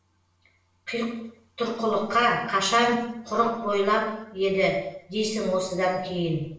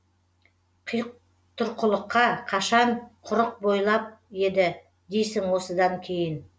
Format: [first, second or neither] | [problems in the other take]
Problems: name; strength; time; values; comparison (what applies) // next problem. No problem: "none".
second | room echo; dies away in 0.7 s